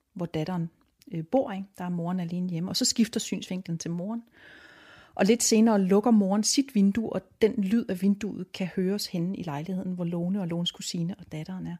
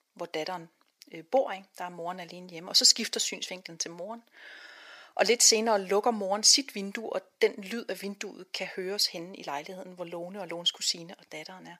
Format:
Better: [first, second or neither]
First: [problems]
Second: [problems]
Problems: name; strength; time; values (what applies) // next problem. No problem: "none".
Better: first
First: none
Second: thin; very; fading below 600 Hz